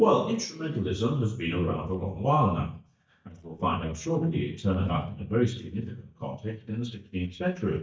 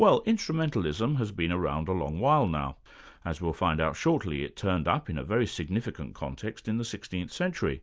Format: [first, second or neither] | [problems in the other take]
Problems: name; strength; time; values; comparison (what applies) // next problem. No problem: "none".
second | noise reduction (neural mask model DeepFilterNet 3)